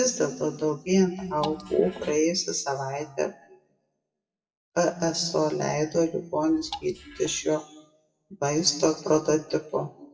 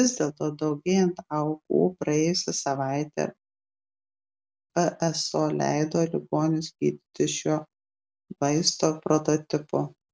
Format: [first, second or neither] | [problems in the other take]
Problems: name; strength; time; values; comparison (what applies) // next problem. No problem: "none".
second | noise reduction (classical method WPE with log-MMSE)